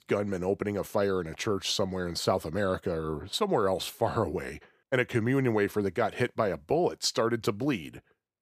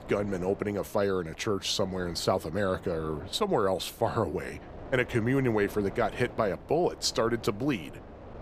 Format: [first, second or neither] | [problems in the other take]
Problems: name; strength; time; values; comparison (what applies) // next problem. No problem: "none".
first | wind noise on the microphone; occasional gusts; 20 dB below the speech